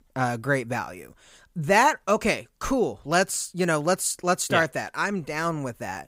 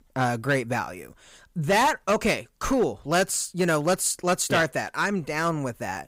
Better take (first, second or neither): first